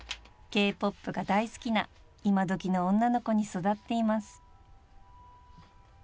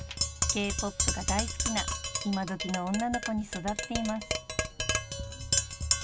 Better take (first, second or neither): first